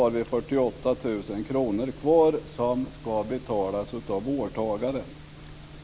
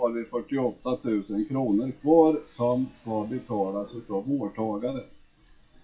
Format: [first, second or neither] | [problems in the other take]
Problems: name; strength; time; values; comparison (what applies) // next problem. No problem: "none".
first | noise reduction (classical method WPE with log-MMSE)